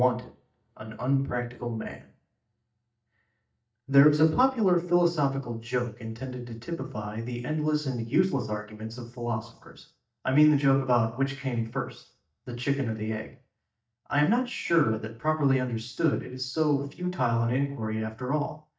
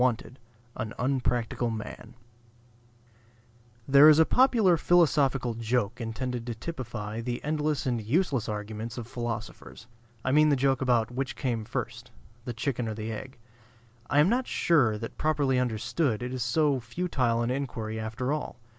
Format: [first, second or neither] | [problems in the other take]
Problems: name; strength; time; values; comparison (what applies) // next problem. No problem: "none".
second | noise reduction (neural mask model DeepFilterNet 3)